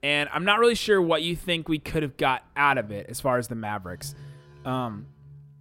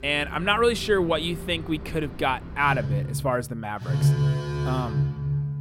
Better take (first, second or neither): first